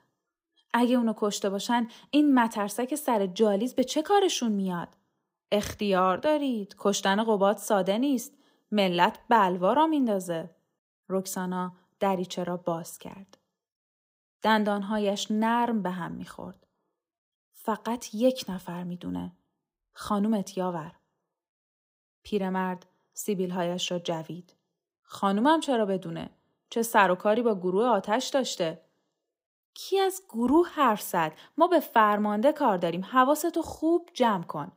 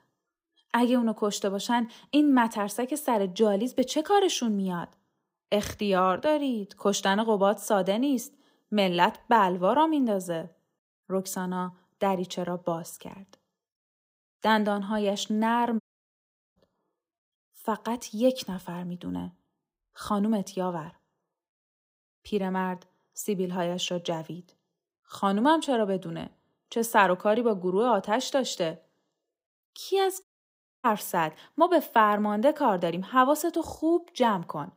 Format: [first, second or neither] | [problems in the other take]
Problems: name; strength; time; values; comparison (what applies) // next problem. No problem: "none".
first | audio cutting out; at 16 s for 1 s and at 30 s for 0.5 s